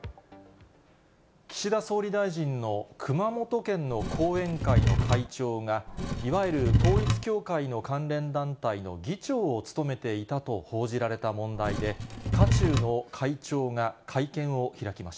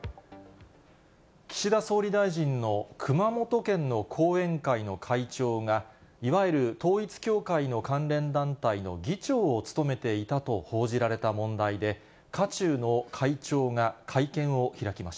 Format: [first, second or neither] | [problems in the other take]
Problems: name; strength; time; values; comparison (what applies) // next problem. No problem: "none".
second | background sound (Wood / Tools); 4 dB above the speech